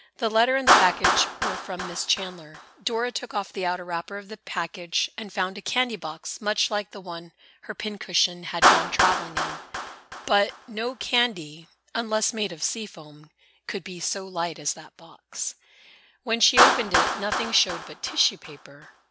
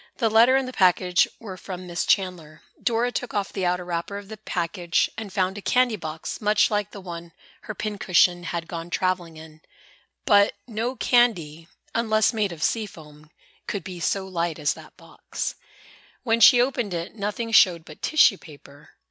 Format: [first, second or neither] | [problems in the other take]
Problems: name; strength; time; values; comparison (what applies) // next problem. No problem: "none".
second | background sound (Clapping); 1 dB below the speech